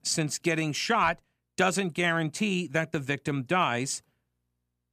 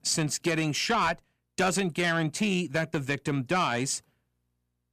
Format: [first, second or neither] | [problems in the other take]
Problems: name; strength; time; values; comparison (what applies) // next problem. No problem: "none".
first | distortion; slight; 10 dB below the speech